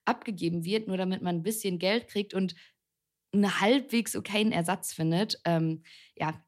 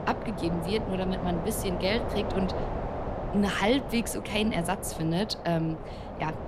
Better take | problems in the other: first | wind noise on the microphone; heavy; 5 dB below the speech

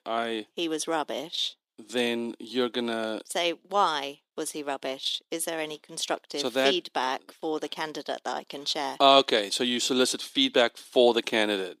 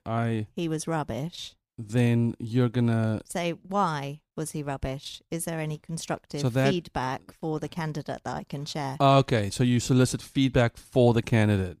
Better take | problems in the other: second | thin; somewhat; fading below 300 Hz

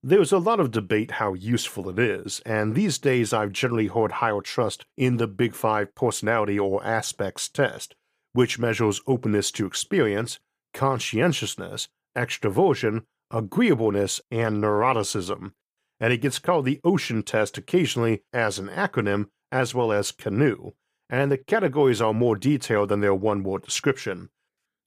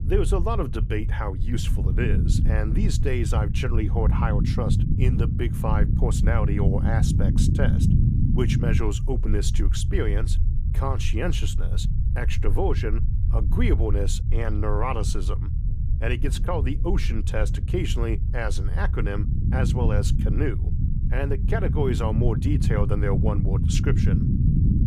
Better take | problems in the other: first | low rumble; loud; throughout; 6 dB below the speech

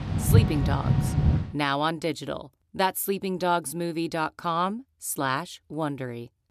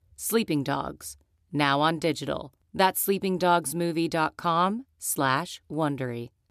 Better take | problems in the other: second | rain or running water; very loud; until 1.5 s; 5 dB above the speech

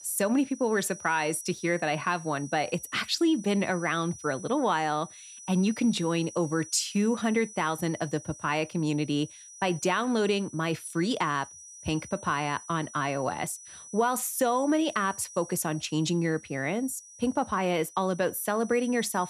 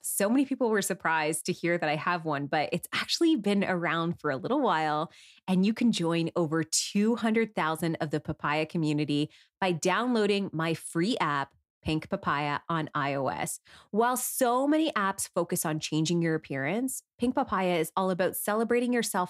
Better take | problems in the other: second | high-pitched whine; noticeable; throughout; 6 kHz, 15 dB below the speech

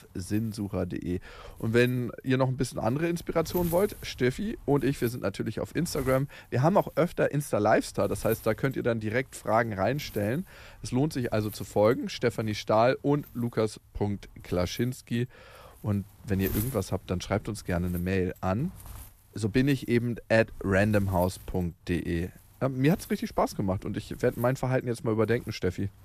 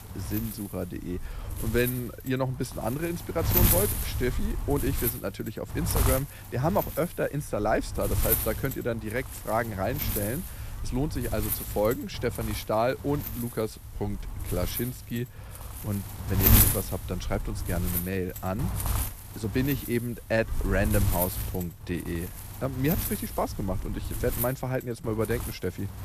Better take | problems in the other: first | wind noise on the microphone; heavy; 5 dB below the speech; occasional gusts in the first

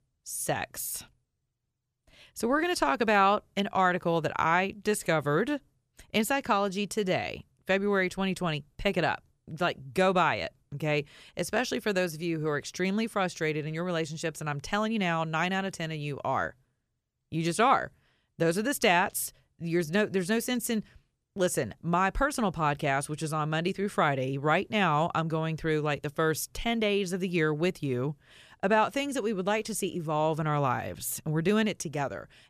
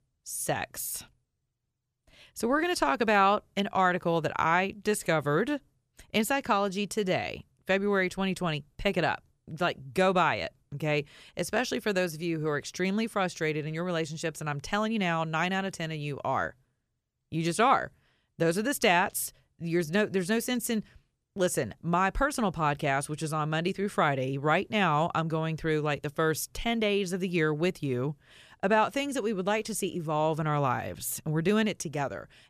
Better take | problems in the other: neither | none

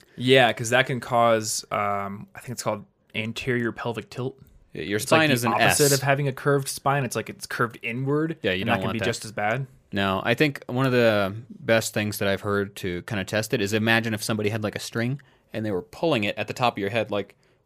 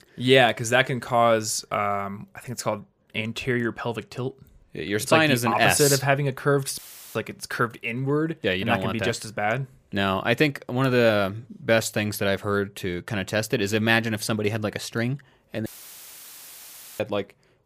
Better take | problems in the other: first | audio cutting out; filled with static; at 7 s and at 16 s for 1.5 s

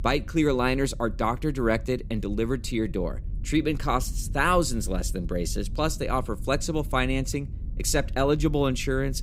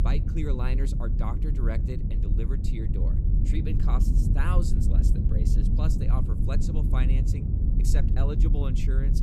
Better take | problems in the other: first | low rumble; loud; throughout; 1 dB below the speech; faint in the first

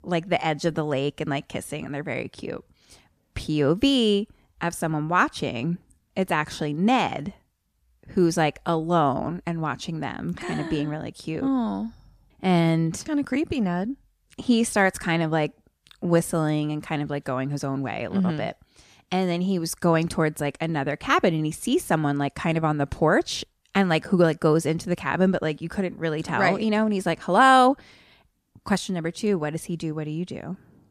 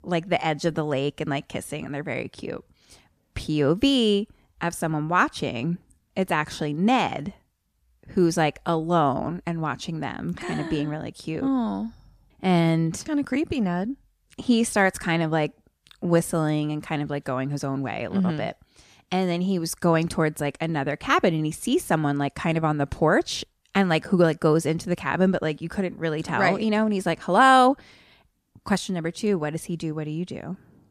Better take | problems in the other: neither | none

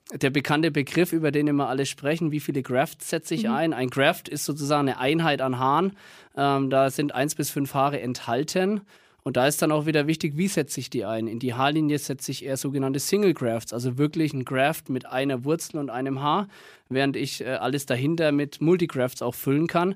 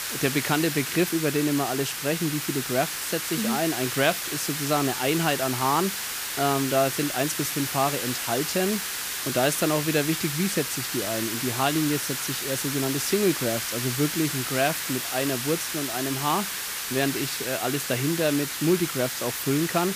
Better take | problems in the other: first | hiss; loud; throughout; 2 dB below the speech

